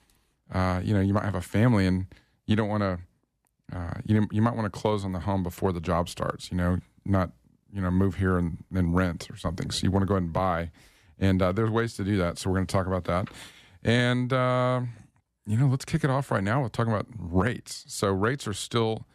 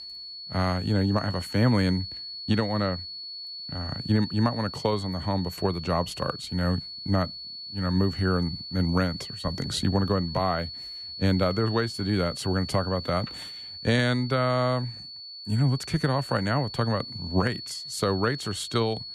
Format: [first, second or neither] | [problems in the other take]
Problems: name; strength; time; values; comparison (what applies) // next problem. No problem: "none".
first | high-pitched whine; loud; throughout; 4.5 kHz, 9 dB below the speech